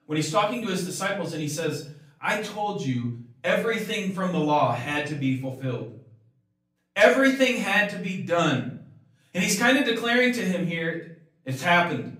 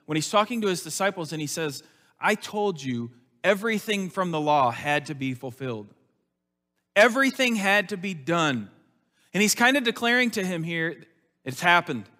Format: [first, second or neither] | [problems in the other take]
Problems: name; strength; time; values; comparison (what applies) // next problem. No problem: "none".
second | room echo; slight; dies away in 0.5 s // off-mic speech; far